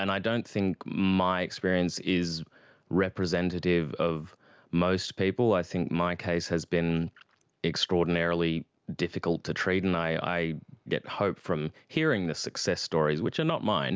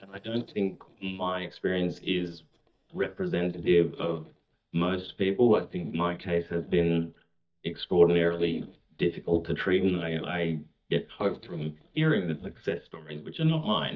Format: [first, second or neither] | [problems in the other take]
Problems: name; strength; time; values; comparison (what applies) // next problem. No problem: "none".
first | noise reduction (neural mask model DeepFilterNet 3)